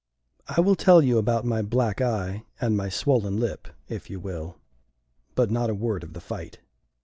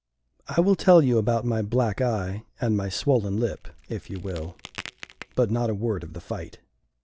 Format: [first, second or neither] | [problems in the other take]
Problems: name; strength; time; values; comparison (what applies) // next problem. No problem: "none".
first | background sound (Crack); 19 dB below the speech